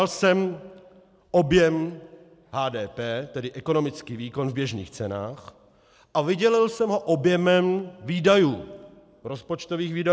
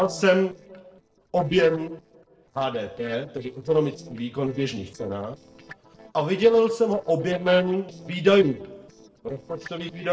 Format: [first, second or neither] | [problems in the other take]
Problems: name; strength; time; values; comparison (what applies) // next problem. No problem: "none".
first | noise reduction (neural separator model SepFormer DNS4)